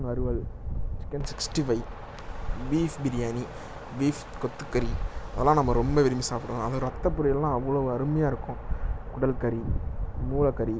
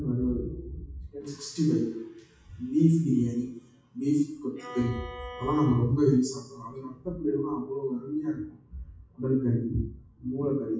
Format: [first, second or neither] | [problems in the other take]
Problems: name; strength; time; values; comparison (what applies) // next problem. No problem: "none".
first | noise reduction (classical method WPE with log-MMSE)